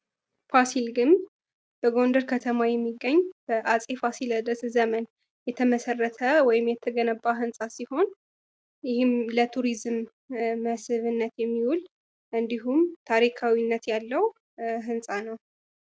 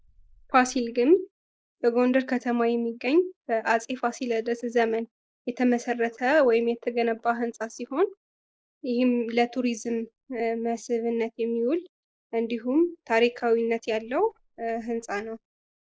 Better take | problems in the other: first | noise reduction (neural mask model Resemble Enhance denoiser)

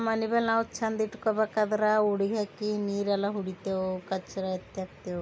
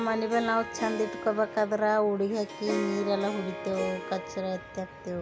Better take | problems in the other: first | background sound (Harp); 9 dB below the speech

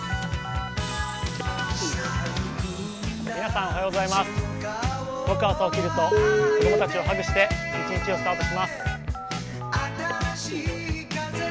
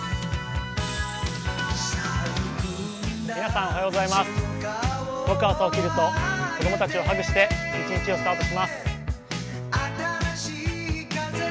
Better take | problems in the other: second | background sound (Telephone); 5 dB below the speech

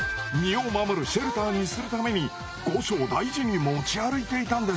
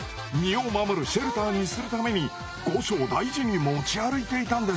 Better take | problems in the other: second | background sound (Keyboard (musical)); 15 dB below the speech

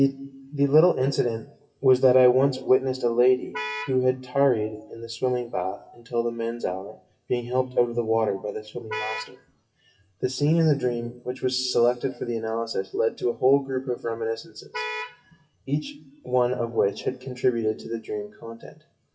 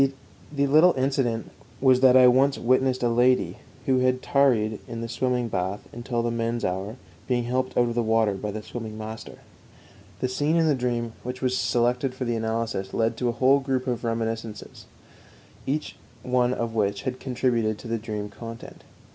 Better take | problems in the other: second | noise reduction (classical method WPE with log-MMSE)

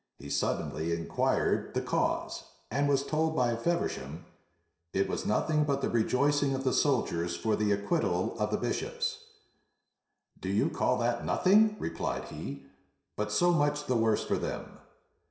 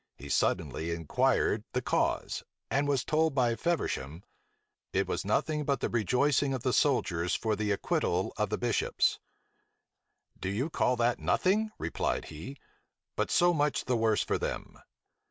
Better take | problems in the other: second | room echo; dies away in 0.7 s

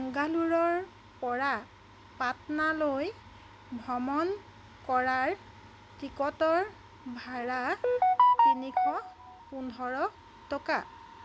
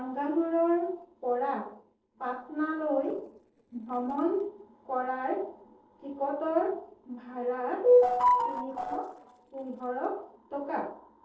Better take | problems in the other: first | noise reduction (neural separator model SepFormer DNS4)

